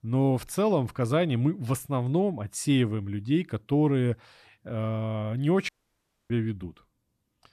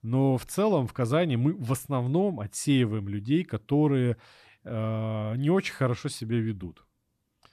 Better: second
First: audio cutting out; at 5.5 s for 0.5 s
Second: none

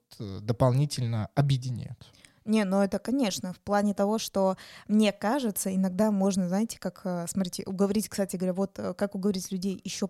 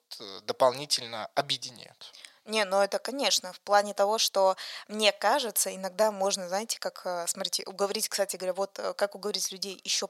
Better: first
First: none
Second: thin; very; fading below 700 Hz

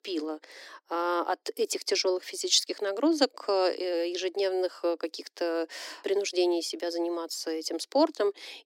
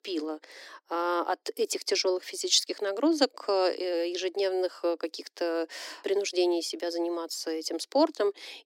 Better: neither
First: thin; somewhat; fading below 300 Hz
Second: thin; somewhat; fading below 300 Hz

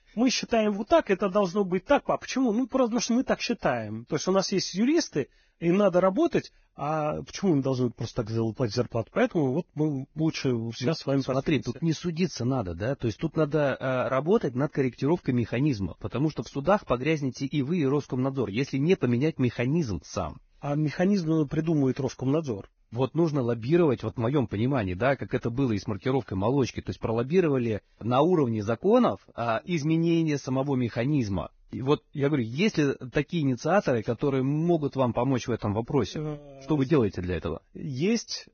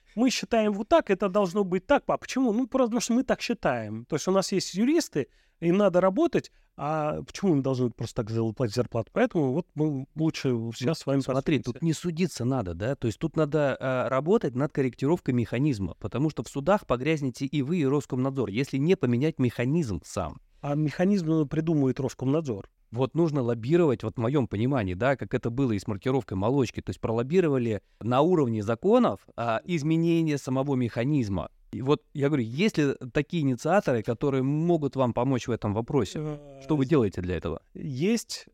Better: second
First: garbled, watery; badly; nothing above 6.5 kHz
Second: none

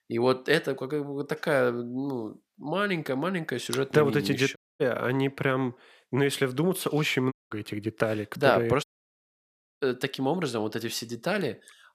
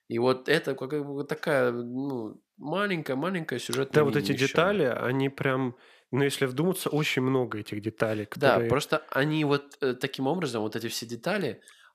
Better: second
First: audio cutting out; at 4.5 s, at 7.5 s and at 9 s for 1 s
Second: none

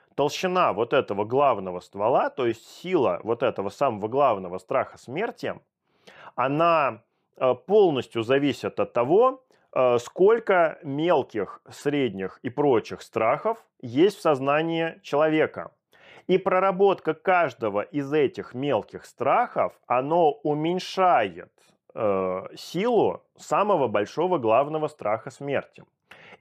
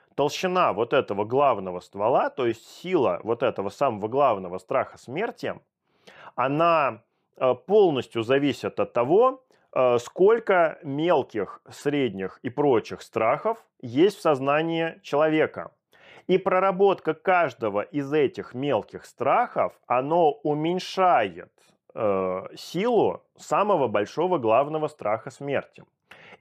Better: neither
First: none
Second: none

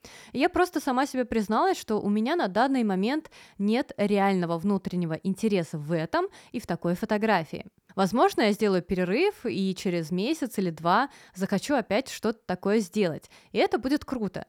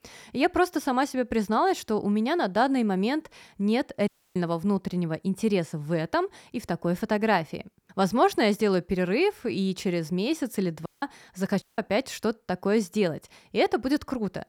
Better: first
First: none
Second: audio cutting out; at 4 s, at 11 s and at 12 s

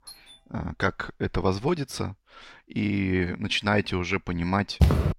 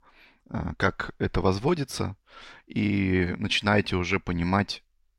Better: second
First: doorbell; faint; at the start; peak 20 dB below the speech // footsteps; loud; at 5 s; peak 5 dB above the speech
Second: none

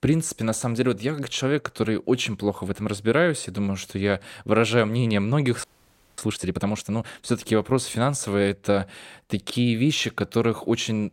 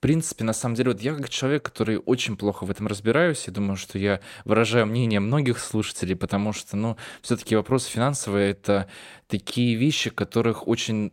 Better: second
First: audio freezing; at 5.5 s for 0.5 s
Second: none

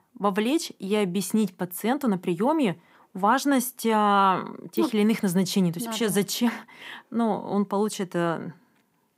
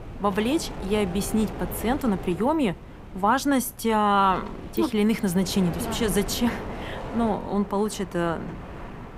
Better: first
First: none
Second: wind noise on the microphone; occasional gusts; 15 dB below the speech

